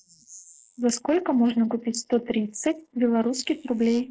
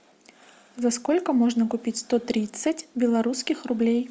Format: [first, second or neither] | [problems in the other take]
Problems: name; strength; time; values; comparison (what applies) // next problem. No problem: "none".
second | noise reduction (neural mask model Resemble Enhance denoiser)